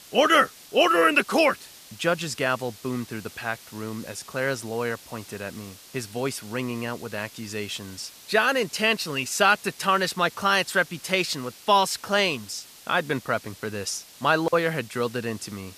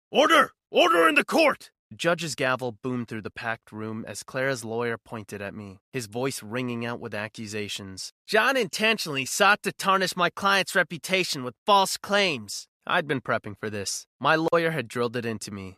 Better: second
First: hiss; faint; throughout; 20 dB below the speech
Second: none

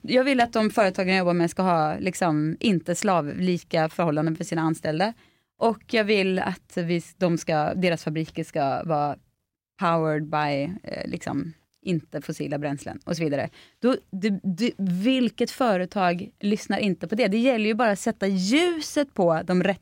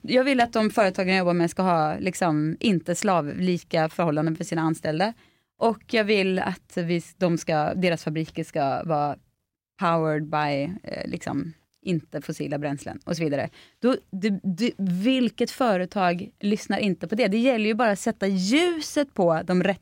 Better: neither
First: none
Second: none

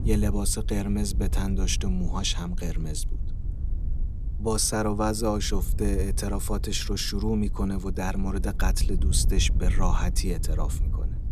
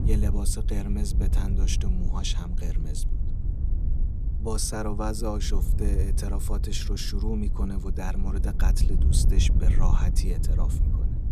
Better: first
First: wind noise on the microphone; occasional gusts; 15 dB below the speech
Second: wind noise on the microphone; heavy; 9 dB below the speech

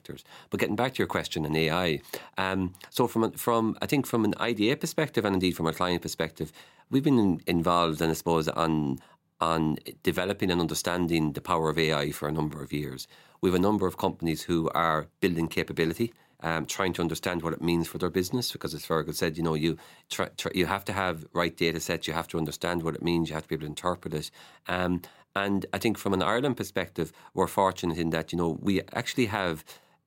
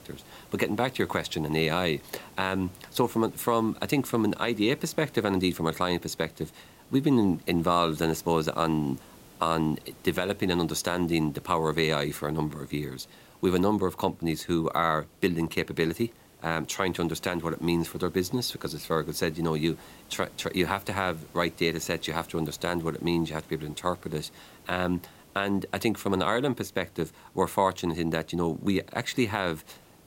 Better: first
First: none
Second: hiss; faint; throughout; 25 dB below the speech

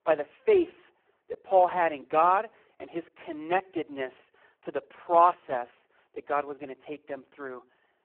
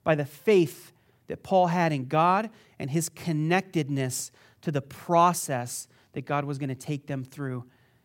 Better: second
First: phone-call audio; poor line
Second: none

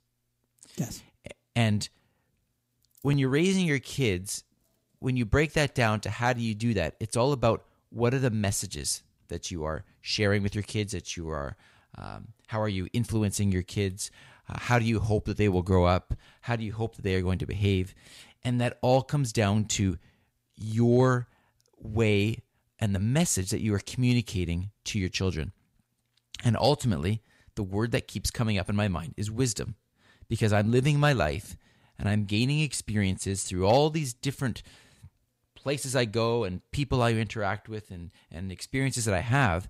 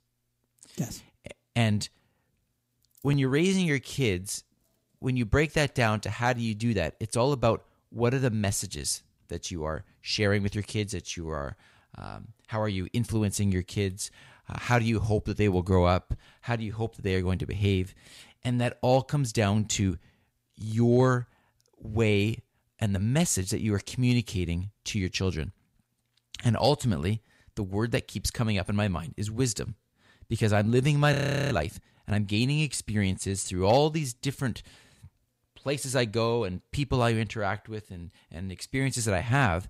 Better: first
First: none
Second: audio freezing; at 31 s

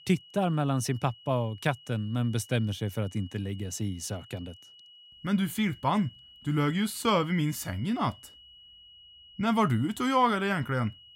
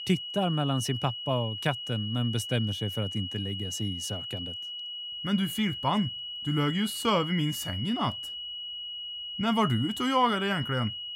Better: first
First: high-pitched whine; faint; throughout; 3 kHz, 20 dB below the speech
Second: high-pitched whine; loud; throughout; 3 kHz, 6 dB below the speech

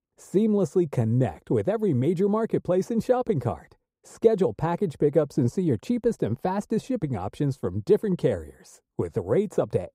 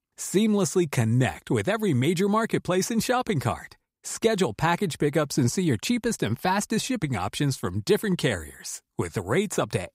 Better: second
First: muffled; very; fading above 1 kHz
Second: none

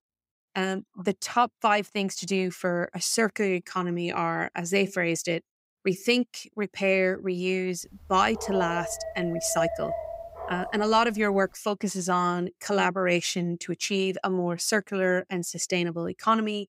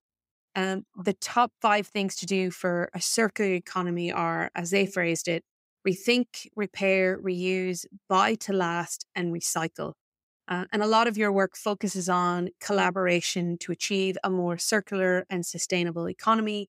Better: second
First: dog barking; noticeable; from 8.5 to 11 s; peak 2 dB below the speech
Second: none

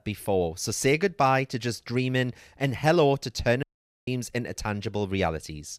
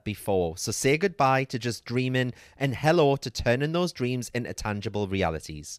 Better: second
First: audio cutting out; at 3.5 s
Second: none

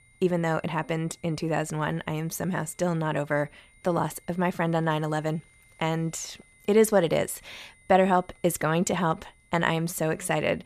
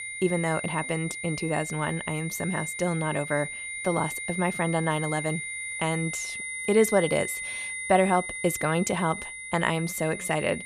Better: first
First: high-pitched whine; faint; throughout; 2 kHz, 30 dB below the speech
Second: high-pitched whine; loud; throughout; 2 kHz, 6 dB below the speech

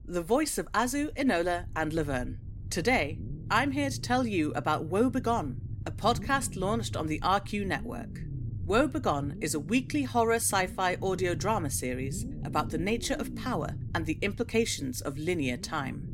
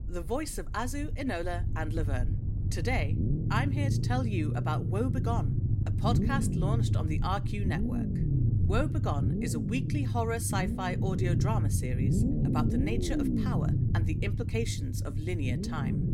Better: first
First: low rumble; faint; throughout; 20 dB below the speech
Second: low rumble; loud; throughout; 4 dB below the speech

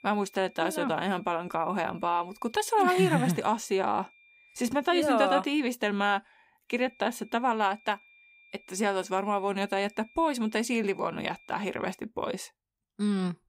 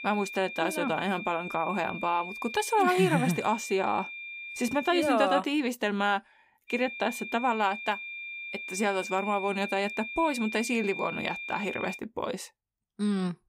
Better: first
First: high-pitched whine; faint; until 5 s and from 6.5 to 12 s; 2.5 kHz, 30 dB below the speech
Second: high-pitched whine; loud; until 5 s and from 6.5 to 12 s; 2.5 kHz, 8 dB below the speech

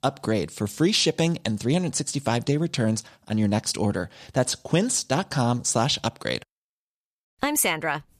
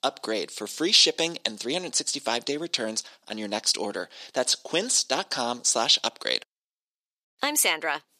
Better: first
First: none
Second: thin; somewhat; fading below 300 Hz

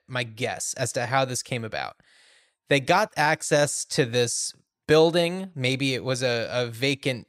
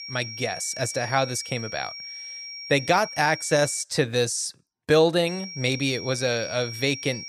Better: first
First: none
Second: high-pitched whine; noticeable; until 4 s and from 5.5 s on; 5.5 kHz, 10 dB below the speech

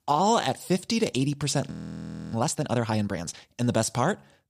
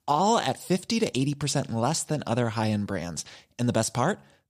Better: second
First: audio freezing; at 1.5 s for 0.5 s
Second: none

